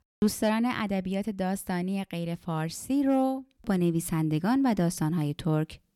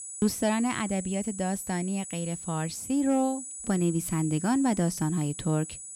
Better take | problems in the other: first | high-pitched whine; loud; throughout; 8 kHz, 9 dB below the speech

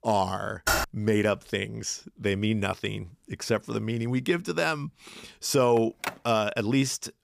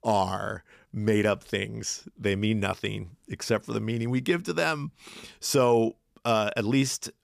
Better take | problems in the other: second | keyboard typing; loud; at 0.5 s; peak 1 dB above the speech // phone ringing; noticeable; at 6 s; peak 8 dB below the speech

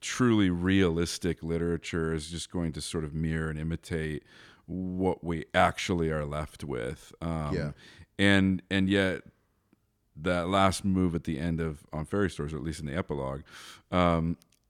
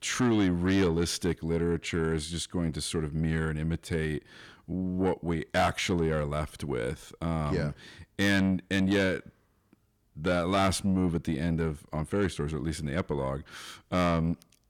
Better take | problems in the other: first | distortion; slight; 10 dB below the speech

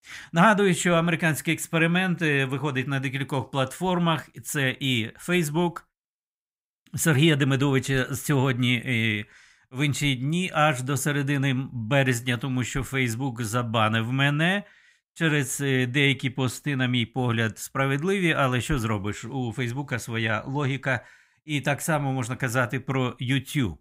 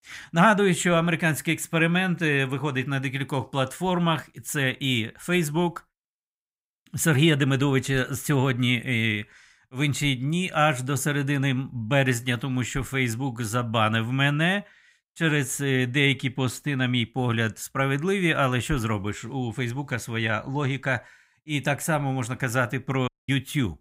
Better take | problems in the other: first | audio cutting out; at 23 s

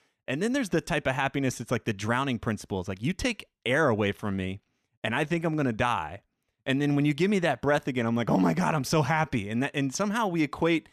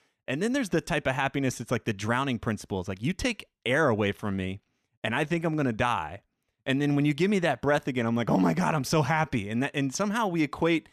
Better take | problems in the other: neither | none

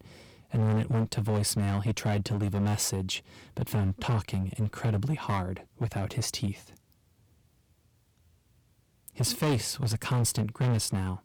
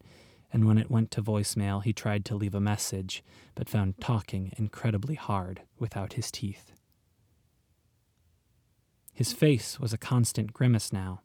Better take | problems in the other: second | distortion; heavy; 11% of the sound clipped

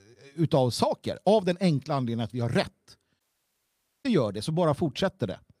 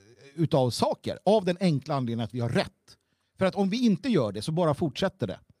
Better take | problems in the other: second | audio cutting out; at 3 s for 1 s

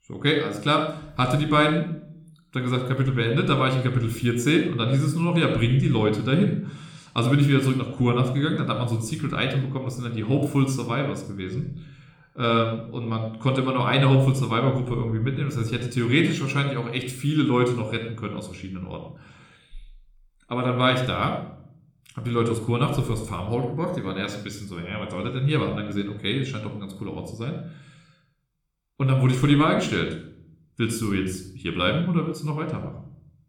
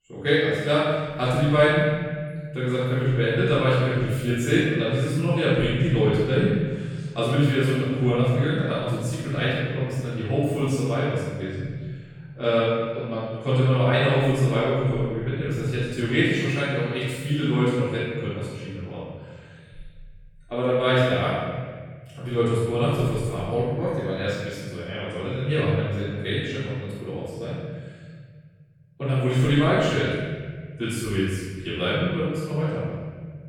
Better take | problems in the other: first | room echo; strong; dies away in 1.8 s; slight in the first // off-mic speech; far

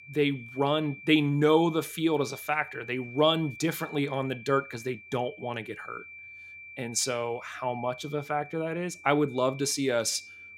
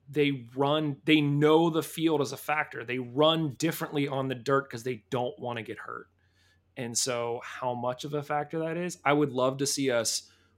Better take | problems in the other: second | high-pitched whine; noticeable; throughout; 2.5 kHz, 15 dB below the speech

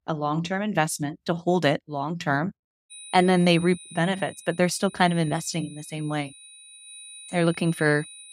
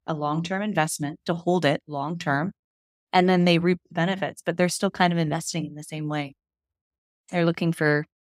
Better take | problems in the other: second | high-pitched whine; noticeable; from 3 s on; 9.5 kHz, 15 dB below the speech

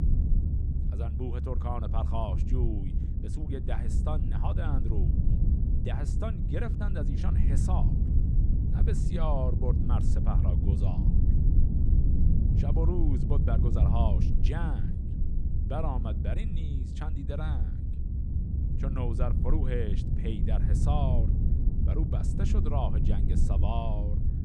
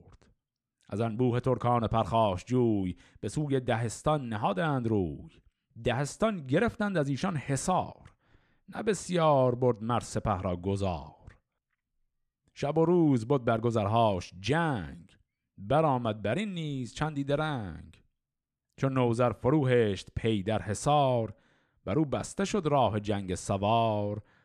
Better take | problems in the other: second | low rumble; loud; throughout; 3 dB below the speech

